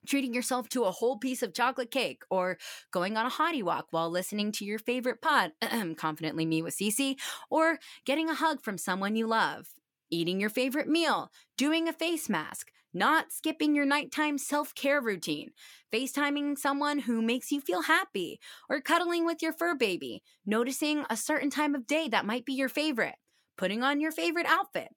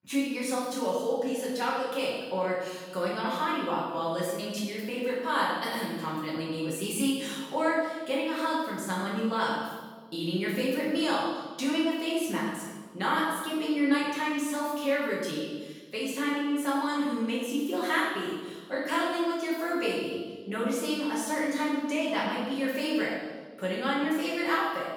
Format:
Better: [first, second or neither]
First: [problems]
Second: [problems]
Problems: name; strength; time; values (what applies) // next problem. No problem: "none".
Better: first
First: none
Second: off-mic speech; far // room echo; strong; dies away in 1.3 s